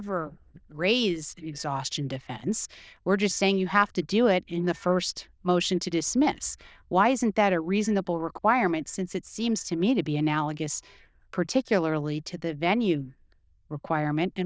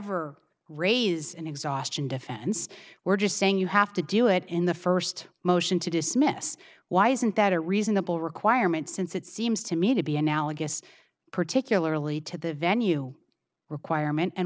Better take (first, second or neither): second